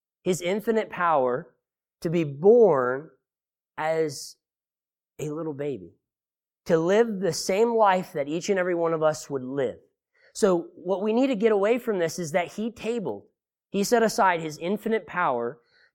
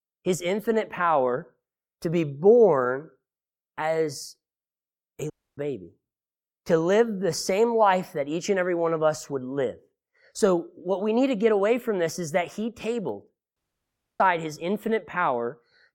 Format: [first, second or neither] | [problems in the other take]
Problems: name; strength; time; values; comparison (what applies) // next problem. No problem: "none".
first | audio cutting out; at 5.5 s and at 14 s for 0.5 s